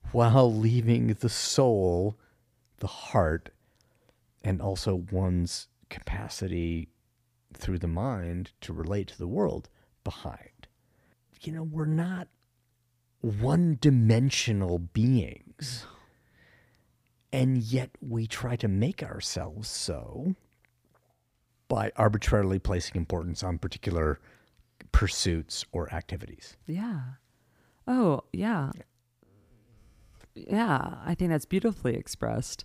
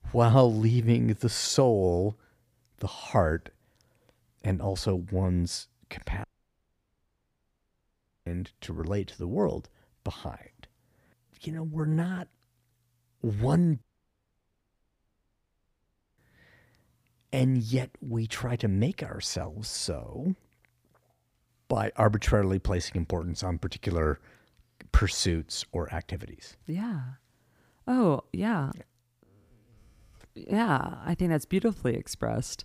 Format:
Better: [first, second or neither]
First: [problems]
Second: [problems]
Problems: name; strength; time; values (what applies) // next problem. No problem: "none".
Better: first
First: none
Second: audio cutting out; at 6 s for 2 s and at 14 s for 2.5 s